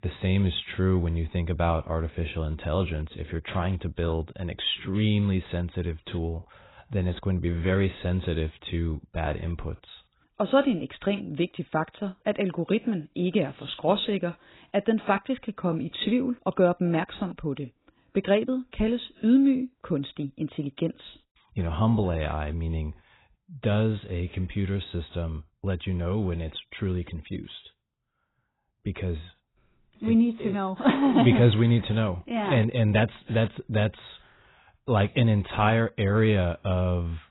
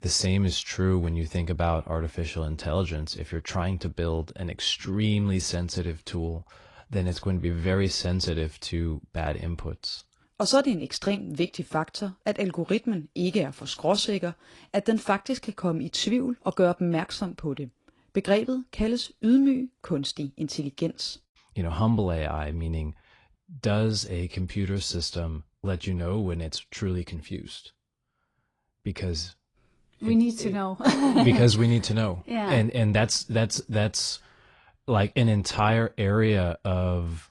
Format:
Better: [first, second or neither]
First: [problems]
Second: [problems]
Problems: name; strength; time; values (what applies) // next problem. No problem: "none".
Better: second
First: garbled, watery; badly; nothing above 4 kHz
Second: garbled, watery; slightly; nothing above 10 kHz